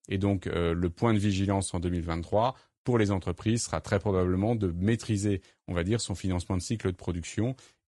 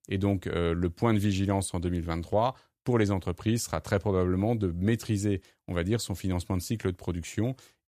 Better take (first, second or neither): second